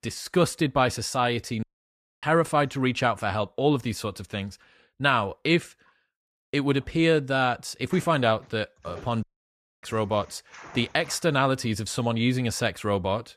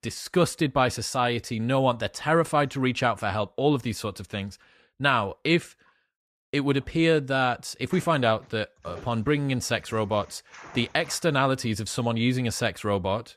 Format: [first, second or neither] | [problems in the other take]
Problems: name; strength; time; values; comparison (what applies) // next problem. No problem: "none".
second | audio cutting out; at 1.5 s for 0.5 s and at 9 s for 0.5 s